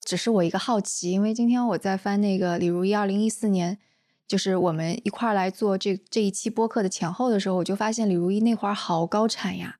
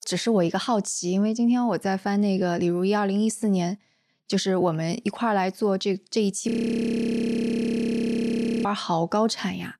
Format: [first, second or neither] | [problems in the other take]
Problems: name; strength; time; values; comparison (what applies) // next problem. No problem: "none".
first | audio freezing; at 6.5 s for 2 s